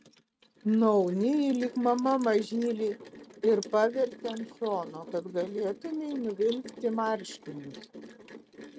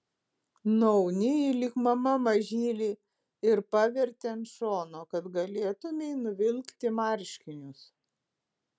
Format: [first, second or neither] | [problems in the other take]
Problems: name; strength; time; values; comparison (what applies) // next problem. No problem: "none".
second | noise reduction (neural mask model RNNoise)